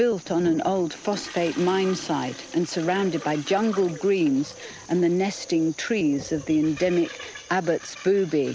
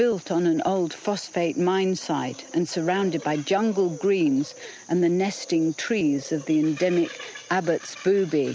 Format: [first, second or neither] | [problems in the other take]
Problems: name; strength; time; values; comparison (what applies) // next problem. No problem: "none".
second | background sound (Toilet flush); 19 dB below the speech